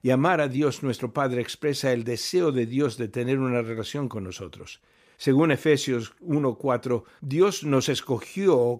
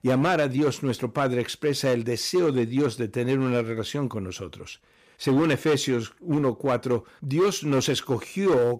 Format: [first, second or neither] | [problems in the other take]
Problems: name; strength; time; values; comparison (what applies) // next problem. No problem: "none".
first | distortion; slight; 7% of the sound clipped